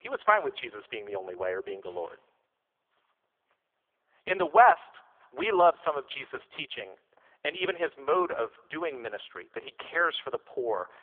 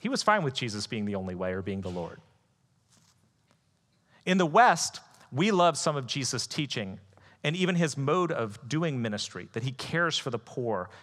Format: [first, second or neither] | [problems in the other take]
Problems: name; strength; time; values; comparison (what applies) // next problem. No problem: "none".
second | phone-call audio; poor line; nothing above 3.5 kHz